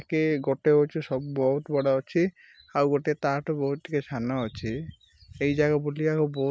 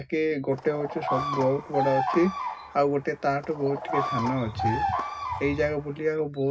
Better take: first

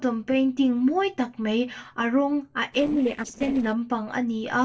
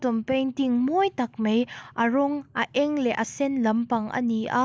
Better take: second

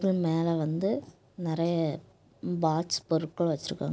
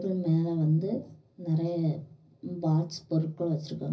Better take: first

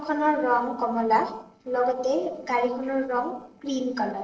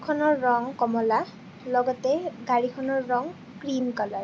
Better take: second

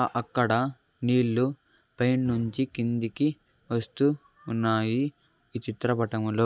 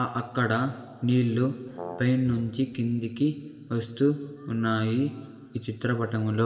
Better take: first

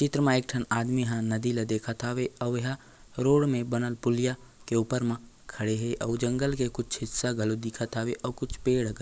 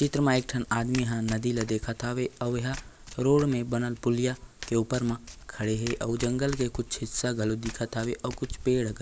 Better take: first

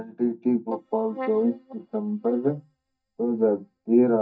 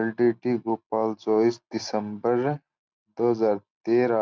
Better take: second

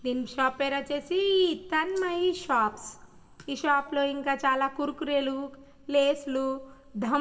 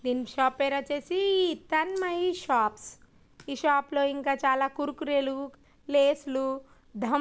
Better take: second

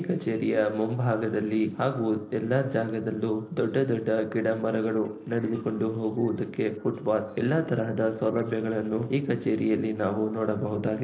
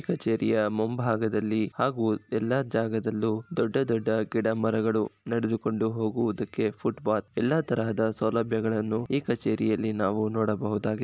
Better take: second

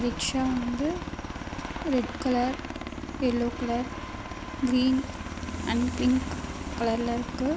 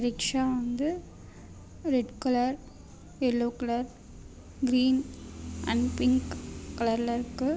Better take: second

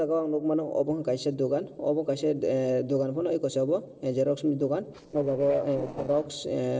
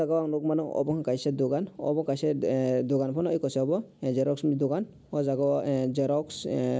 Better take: second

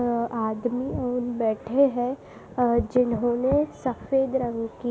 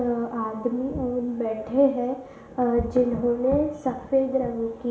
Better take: first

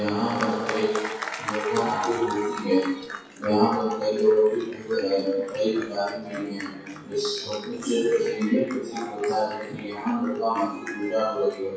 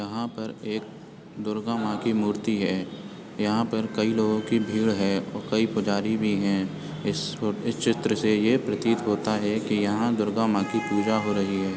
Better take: second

